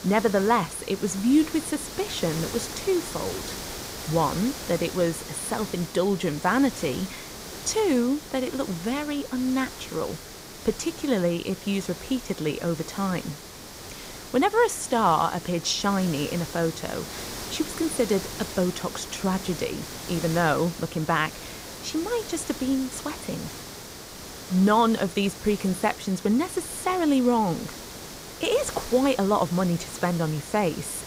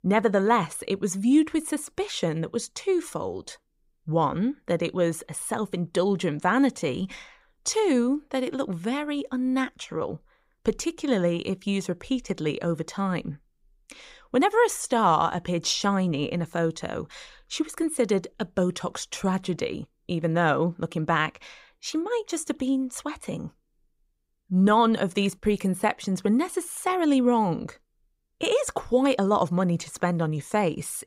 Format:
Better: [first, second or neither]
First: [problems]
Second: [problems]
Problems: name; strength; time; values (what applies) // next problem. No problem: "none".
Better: second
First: hiss; noticeable; throughout; 10 dB below the speech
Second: none